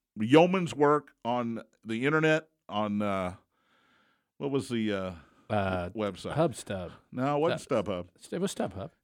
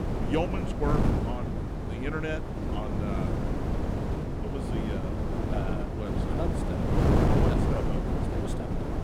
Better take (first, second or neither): first